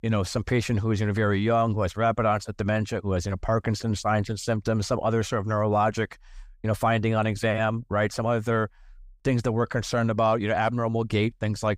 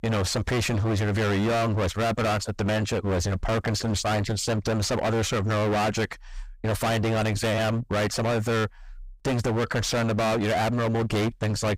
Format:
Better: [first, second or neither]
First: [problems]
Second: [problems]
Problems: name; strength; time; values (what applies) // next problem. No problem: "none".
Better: first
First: none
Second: distortion; heavy; 38% of the sound clipped